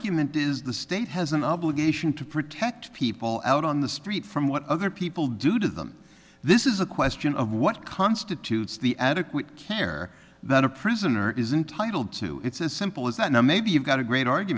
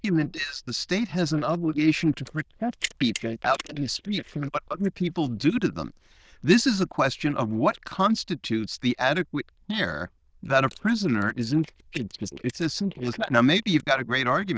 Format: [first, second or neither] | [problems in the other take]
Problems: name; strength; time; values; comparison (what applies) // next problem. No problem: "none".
first | noise reduction (neural diffusion model UNIVERSE++)